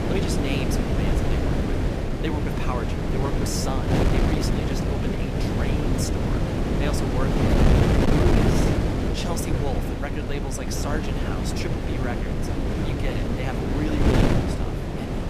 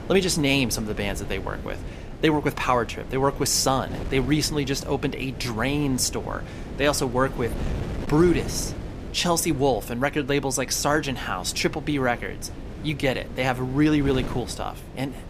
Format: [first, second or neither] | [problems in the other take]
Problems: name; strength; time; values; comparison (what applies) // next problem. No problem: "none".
second | wind noise on the microphone; heavy; 5 dB above the speech; occasional gusts in the second